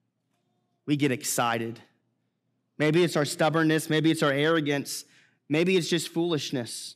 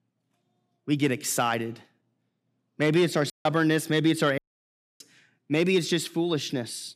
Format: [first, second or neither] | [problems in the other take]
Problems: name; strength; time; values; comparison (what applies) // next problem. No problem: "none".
first | audio cutting out; at 3.5 s and at 4.5 s for 0.5 s